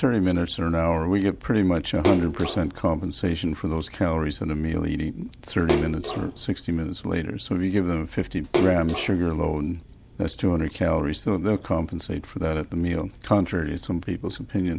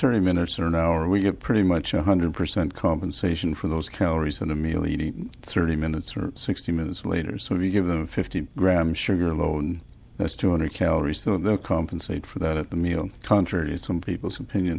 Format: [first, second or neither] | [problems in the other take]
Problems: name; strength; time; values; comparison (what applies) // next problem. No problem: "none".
second | background sound (Splash, splatter); 7 dB below the speech